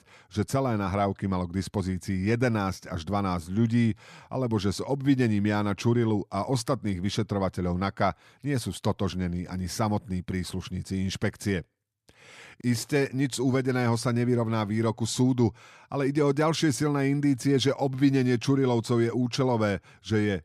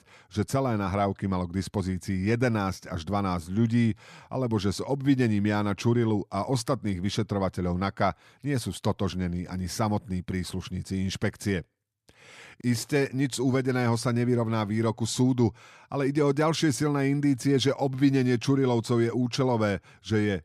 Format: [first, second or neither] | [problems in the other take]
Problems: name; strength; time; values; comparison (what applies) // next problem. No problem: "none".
neither | none